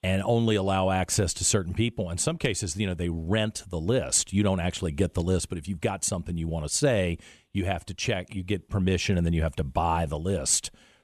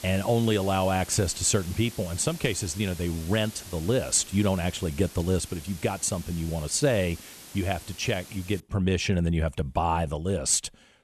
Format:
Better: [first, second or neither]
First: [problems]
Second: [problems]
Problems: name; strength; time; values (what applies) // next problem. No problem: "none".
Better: first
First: none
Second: hiss; noticeable; until 8.5 s; 15 dB below the speech